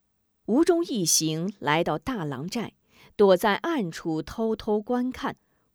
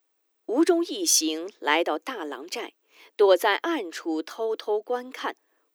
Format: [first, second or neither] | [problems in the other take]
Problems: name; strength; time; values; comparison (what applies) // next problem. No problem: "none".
first | thin; somewhat; fading below 300 Hz